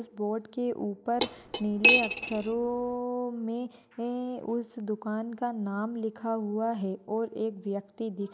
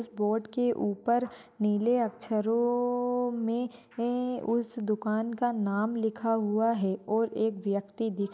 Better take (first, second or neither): second